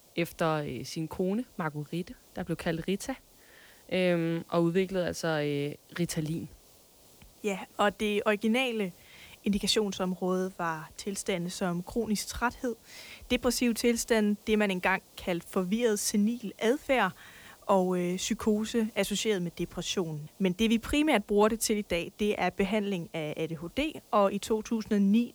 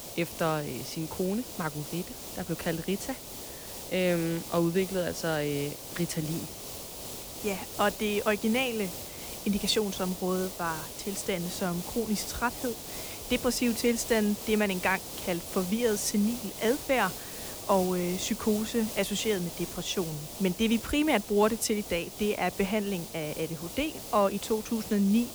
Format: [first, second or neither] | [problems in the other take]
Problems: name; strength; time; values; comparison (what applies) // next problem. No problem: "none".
first | hiss; loud; throughout; 9 dB below the speech; faint in the first